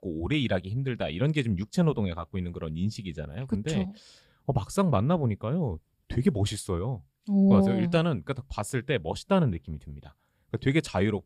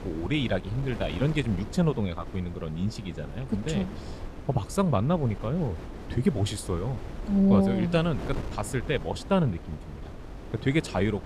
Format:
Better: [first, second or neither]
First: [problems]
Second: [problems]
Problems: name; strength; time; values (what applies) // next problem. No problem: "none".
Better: first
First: none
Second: wind noise on the microphone; occasional gusts; 15 dB below the speech